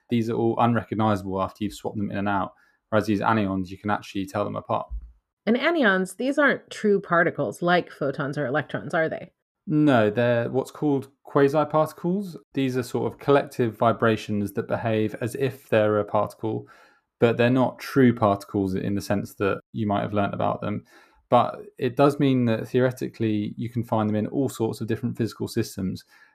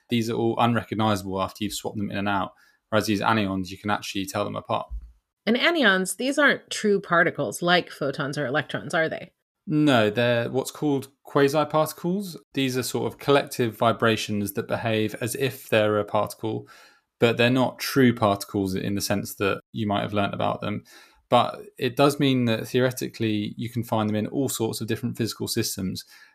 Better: second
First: muffled; slightly; fading above 2 kHz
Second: none

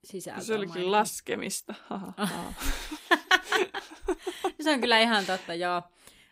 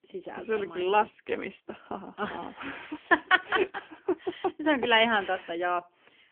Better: first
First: none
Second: phone-call audio; nothing above 3 kHz

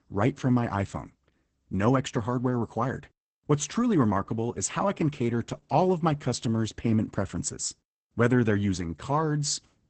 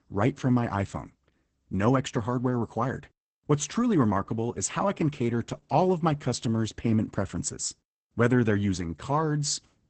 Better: neither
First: garbled, watery; badly; nothing above 8 kHz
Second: garbled, watery; badly; nothing above 8 kHz

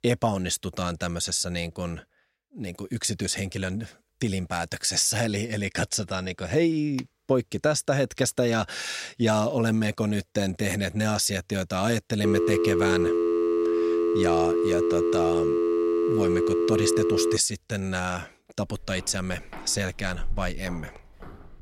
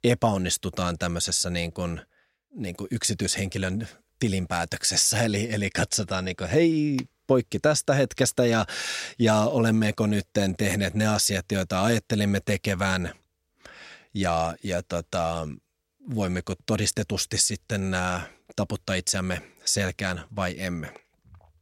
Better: second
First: phone ringing; loud; from 12 to 17 s; peak 4 dB above the speech // footsteps; faint; from 19 s on; peak 10 dB below the speech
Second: none

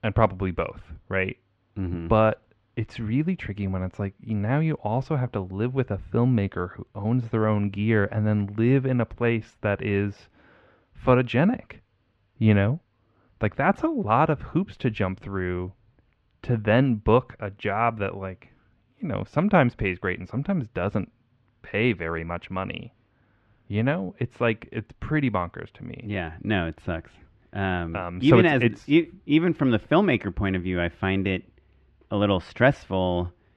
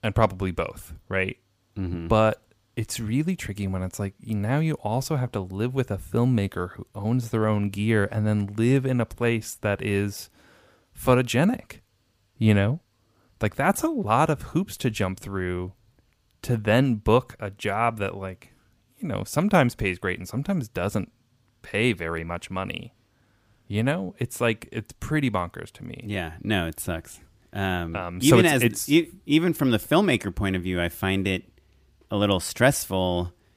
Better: second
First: muffled; very; fading above 3 kHz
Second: none

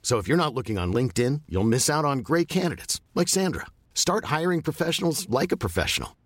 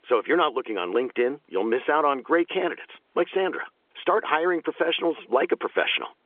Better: first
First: none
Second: phone-call audio; nothing above 3.5 kHz

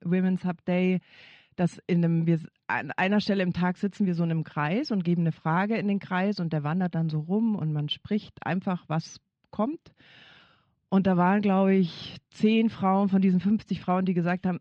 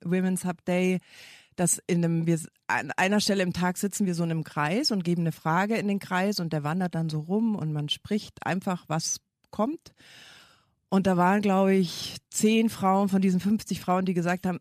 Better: second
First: muffled; slightly; fading above 4 kHz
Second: none

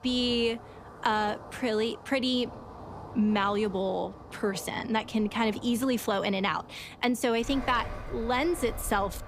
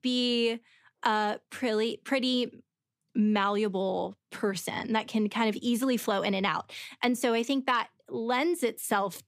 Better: second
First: traffic noise; noticeable; throughout; 15 dB below the speech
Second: none

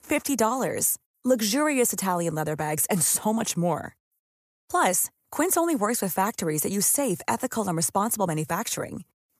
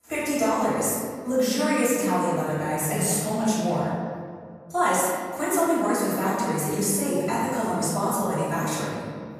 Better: first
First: none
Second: room echo; strong; dies away in 1.9 s // off-mic speech; far

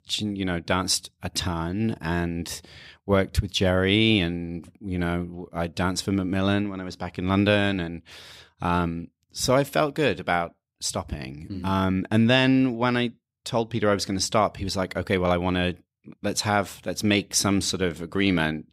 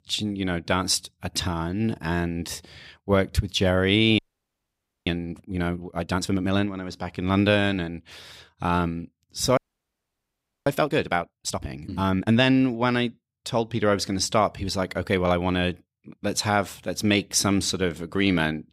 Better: first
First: none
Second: audio freezing; at 4 s for 1 s and at 9.5 s for 1 s

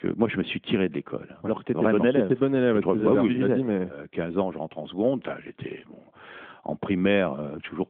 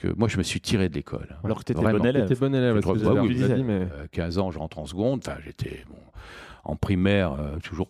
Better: second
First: phone-call audio; nothing above 3.5 kHz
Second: none

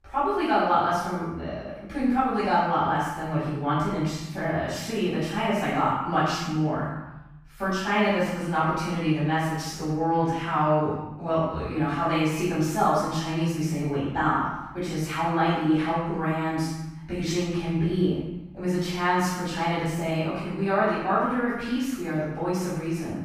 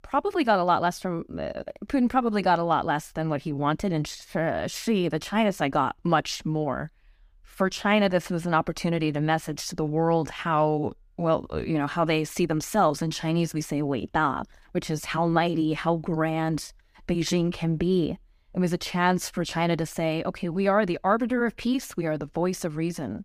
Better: second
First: off-mic speech; far // room echo; strong; dies away in 0.9 s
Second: none

